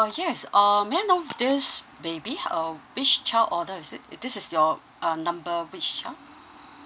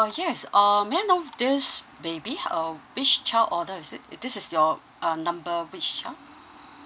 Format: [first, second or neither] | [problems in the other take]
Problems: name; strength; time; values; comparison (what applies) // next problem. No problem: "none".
second | background sound (Coin (dropping)); 18 dB below the speech